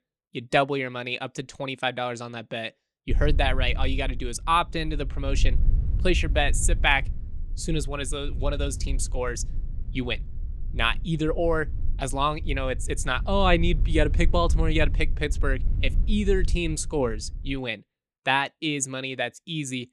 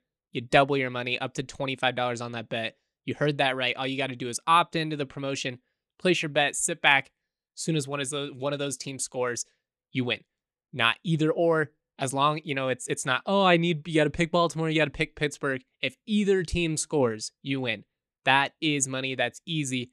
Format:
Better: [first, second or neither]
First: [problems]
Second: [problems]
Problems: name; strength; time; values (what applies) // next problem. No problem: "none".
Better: second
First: low rumble; faint; from 3 to 18 s; 20 dB below the speech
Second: none